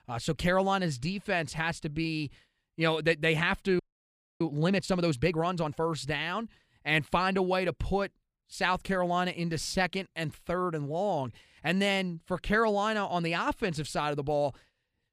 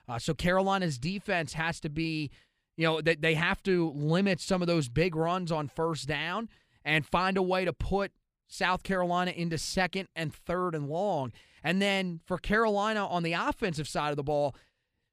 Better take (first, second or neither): second